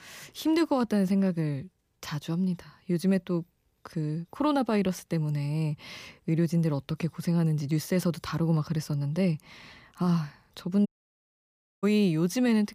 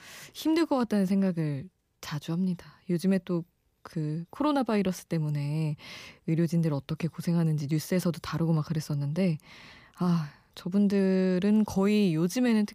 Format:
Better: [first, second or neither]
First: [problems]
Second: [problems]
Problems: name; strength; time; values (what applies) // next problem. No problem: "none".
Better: second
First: audio cutting out; at 11 s for 1 s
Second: none